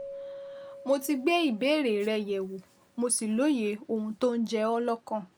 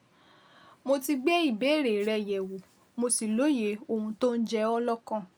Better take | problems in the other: second | background sound (Keyboard (musical)); 19 dB below the speech

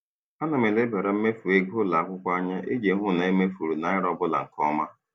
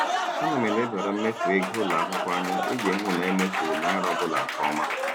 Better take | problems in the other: first | background sound (Applause); as loud as the speech

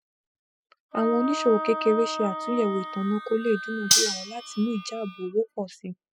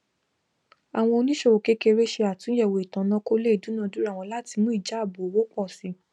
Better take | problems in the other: second | noise reduction (classical method spectral subtraction)

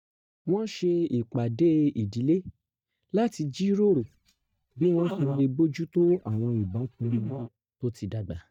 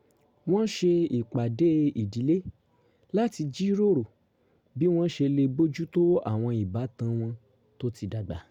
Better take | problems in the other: second | noise reduction (neural mask model DeepFilterNet 3)

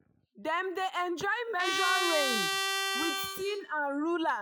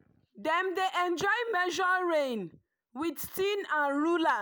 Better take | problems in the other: second | noise reduction (classical method log-MMSE)

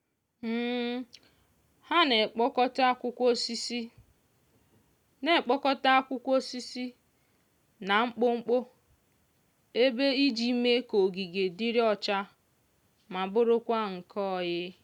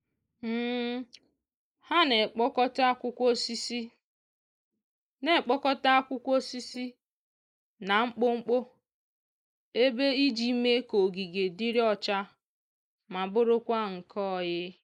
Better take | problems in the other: first | noise reduction (neural mask model Resemble Enhance denoiser)

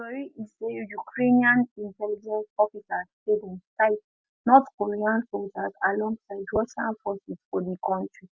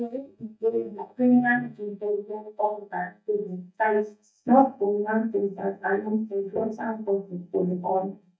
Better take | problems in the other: first | noise reduction (neural mask model DeepFilterNet 3)

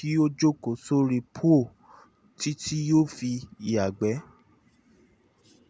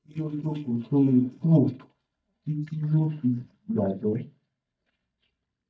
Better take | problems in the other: first | noise reduction (neural mask model DeepFilterNet 3)

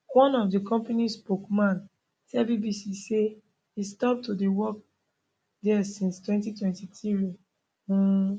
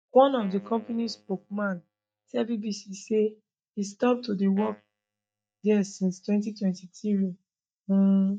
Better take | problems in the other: first | noise reduction (neural mask model DeepFilterNet 3)

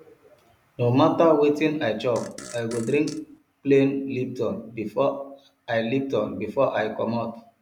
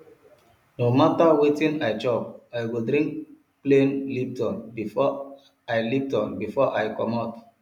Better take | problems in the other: second | background sound (Fart); 18 dB below the speech

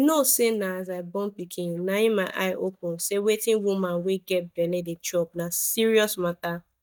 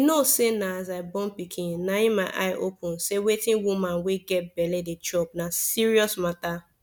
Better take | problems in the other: second | noise reduction (neural mask model DeepFilterNet 3)

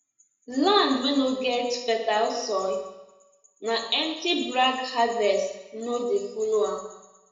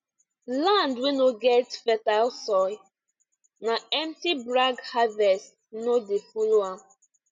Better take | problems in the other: second | room echo; dies away in 0.9 s

